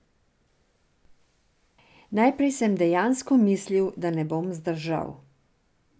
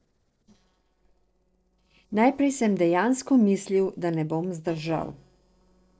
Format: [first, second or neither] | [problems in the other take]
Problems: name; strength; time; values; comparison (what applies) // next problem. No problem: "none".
first | noise reduction (neural separator model SepFormer DNS4)